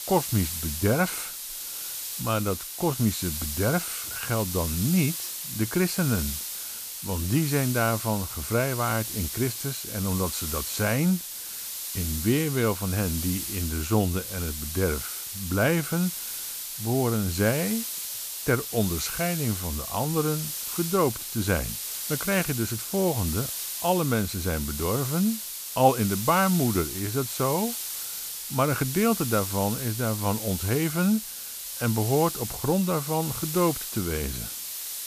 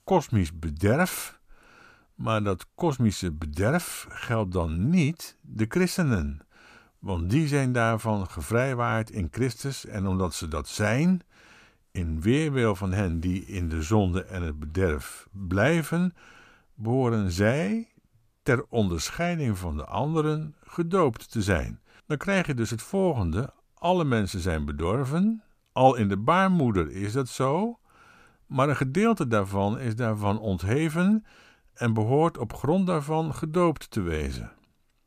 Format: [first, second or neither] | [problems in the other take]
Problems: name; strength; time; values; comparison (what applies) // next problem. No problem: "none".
second | hiss; loud; throughout; 4 dB below the speech